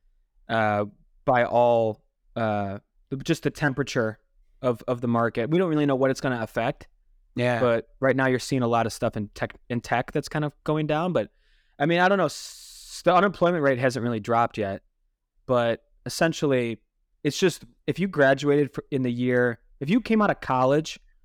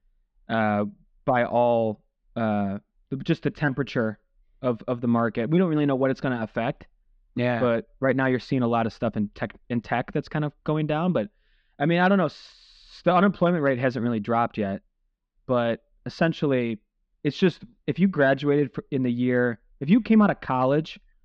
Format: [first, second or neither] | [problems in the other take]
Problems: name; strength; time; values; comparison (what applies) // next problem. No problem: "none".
first | muffled; slightly; fading above 4 kHz